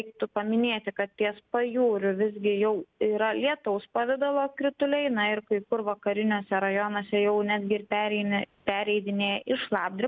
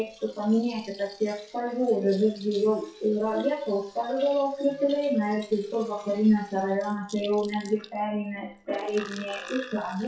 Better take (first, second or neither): first